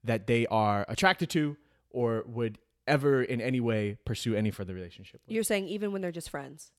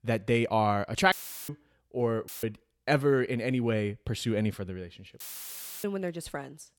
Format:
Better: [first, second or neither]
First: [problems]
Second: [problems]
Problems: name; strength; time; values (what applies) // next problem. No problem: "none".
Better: first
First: none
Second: audio cutting out; filled with static; at 1 s, at 2.5 s and at 5 s for 0.5 s